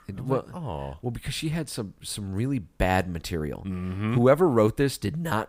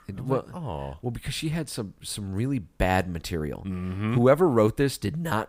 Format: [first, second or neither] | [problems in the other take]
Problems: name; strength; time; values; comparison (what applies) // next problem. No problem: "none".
neither | none